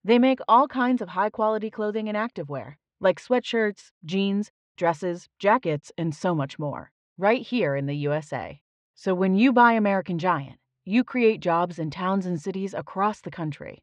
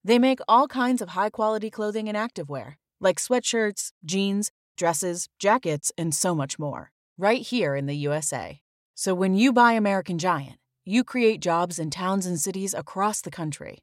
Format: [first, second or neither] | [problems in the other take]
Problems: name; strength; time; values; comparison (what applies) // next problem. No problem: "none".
second | muffled; very; fading above 3 kHz